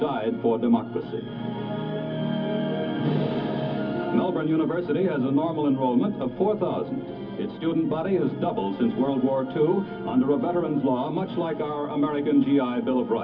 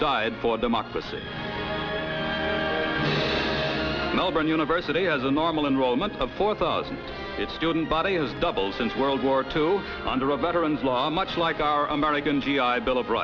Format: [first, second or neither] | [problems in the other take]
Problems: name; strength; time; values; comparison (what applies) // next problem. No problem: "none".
second | room echo; dies away in 0.3 s